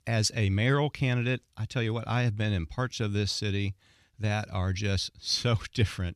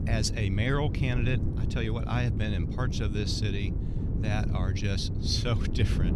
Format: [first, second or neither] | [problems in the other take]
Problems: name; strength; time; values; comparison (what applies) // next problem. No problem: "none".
first | wind noise on the microphone; heavy; 8 dB below the speech